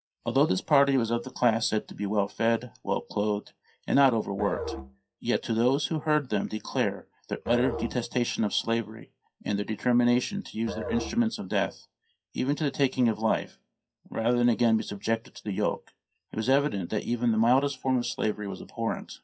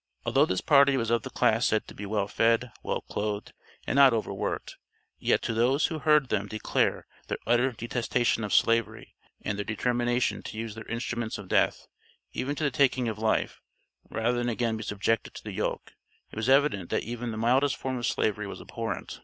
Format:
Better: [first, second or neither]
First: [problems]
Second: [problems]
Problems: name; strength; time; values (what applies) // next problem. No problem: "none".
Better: second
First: noise reduction (classical method WPE with log-MMSE)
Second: none